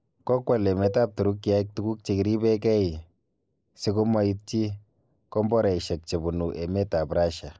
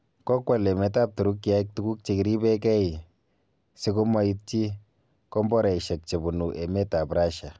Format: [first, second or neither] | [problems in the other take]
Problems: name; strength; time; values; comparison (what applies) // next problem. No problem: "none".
second | noise reduction (neural mask model Resemble Enhance denoiser)